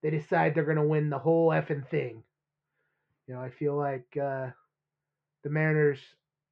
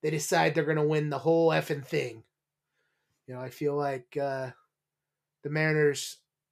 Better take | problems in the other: second | muffled; very; fading above 2 kHz

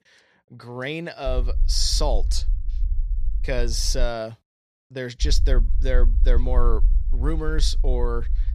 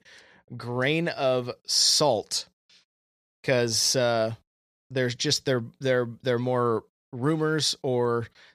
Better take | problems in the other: second | low rumble; faint; from 1.5 to 4 s and from 5 s on; 20 dB below the speech

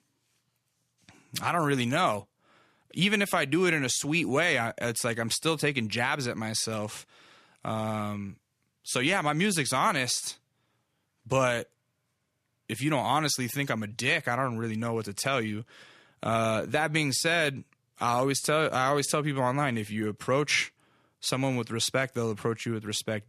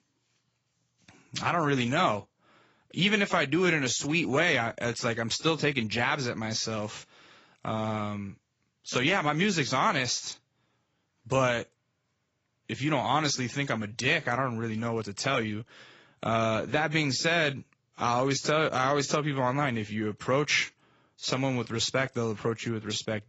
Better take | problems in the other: first | garbled, watery; badly; nothing above 7.5 kHz

